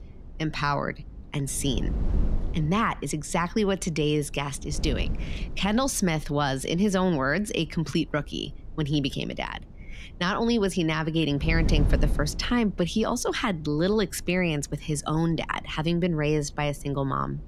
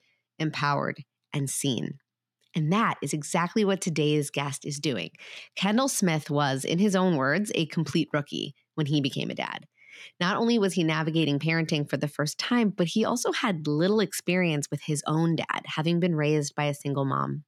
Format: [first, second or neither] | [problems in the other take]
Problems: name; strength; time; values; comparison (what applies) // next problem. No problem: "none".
second | wind noise on the microphone; occasional gusts; 20 dB below the speech